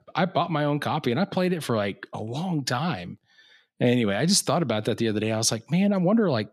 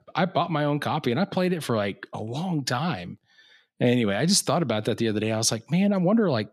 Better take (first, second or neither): neither